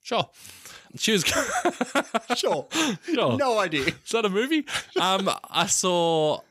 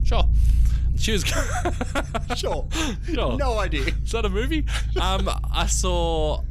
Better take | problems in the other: first | low rumble; noticeable; throughout; 20 dB below the speech

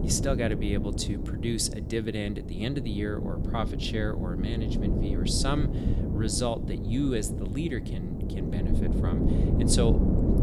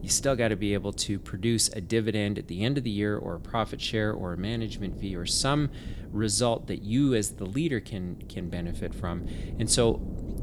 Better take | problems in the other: second | wind noise on the microphone; heavy; 4 dB below the speech; occasional gusts in the second

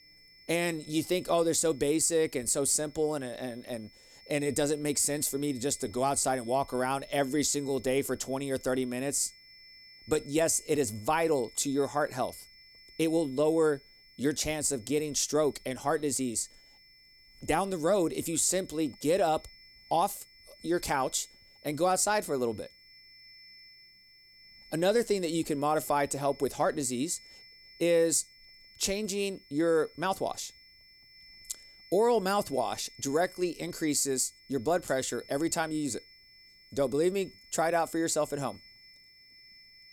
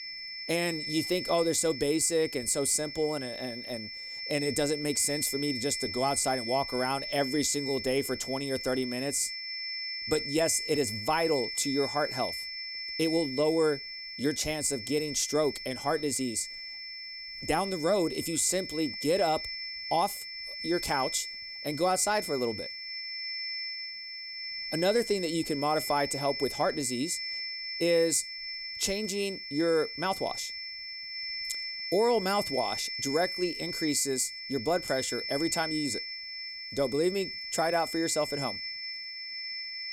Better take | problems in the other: first | high-pitched whine; loud; throughout; 5.5 kHz, 6 dB below the speech; faint in the first

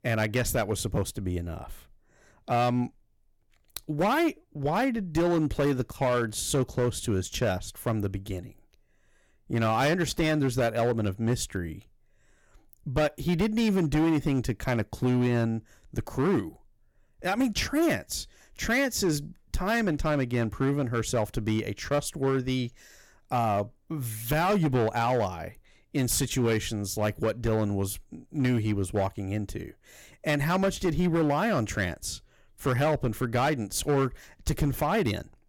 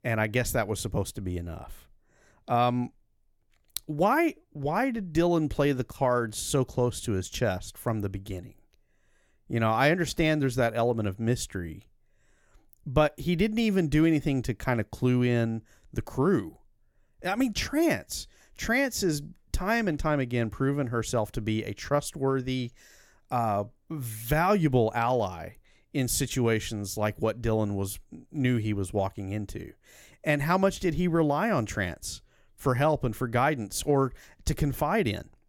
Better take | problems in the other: second | distortion; slight; 8% of the sound clipped

